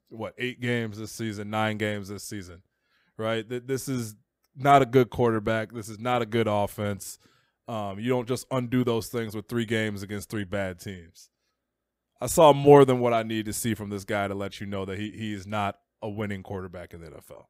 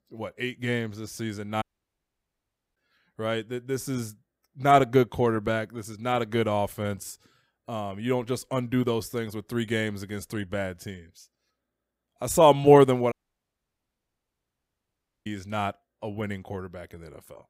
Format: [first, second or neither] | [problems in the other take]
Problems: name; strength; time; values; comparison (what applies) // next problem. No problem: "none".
first | audio cutting out; at 1.5 s for 1 s and at 13 s for 2 s